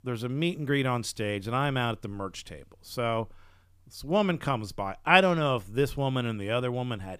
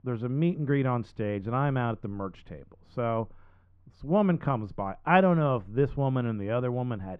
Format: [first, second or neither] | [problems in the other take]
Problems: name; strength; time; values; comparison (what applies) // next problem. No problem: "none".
first | muffled; very; fading above 1.5 kHz